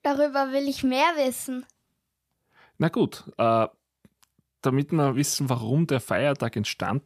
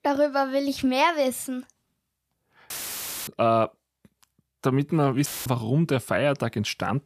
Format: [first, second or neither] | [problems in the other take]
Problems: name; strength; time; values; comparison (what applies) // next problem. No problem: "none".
first | audio cutting out; filled with static; at 2.5 s for 0.5 s and at 5.5 s